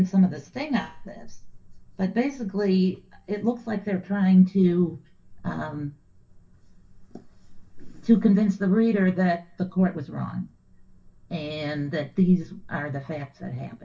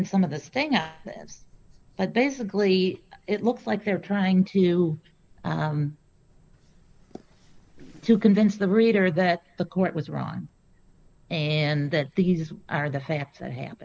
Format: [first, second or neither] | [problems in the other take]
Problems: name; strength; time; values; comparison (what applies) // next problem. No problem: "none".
second | room echo; dies away in 0.2 s